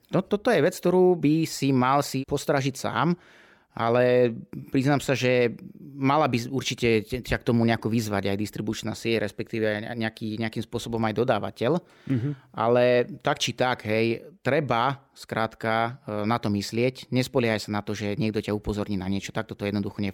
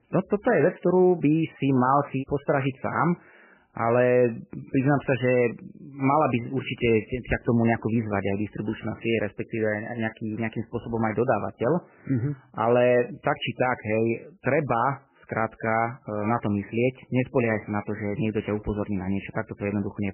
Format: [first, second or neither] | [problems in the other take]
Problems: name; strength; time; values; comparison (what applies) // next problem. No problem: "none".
first | garbled, watery; badly; nothing above 3 kHz